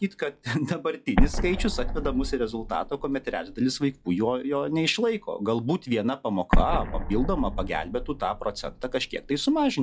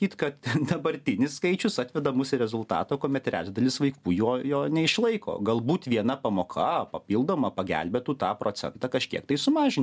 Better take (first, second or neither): second